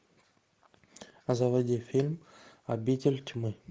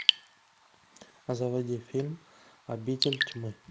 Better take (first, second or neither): first